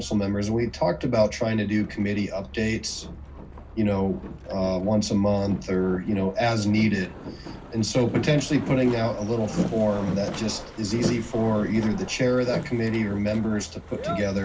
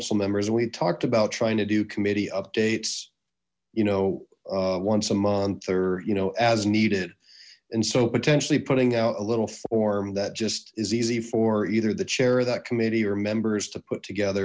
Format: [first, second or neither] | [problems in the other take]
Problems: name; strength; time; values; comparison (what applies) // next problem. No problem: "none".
second | background sound (Boat, Water vehicle); 10 dB below the speech // room echo; dies away in 0.4 s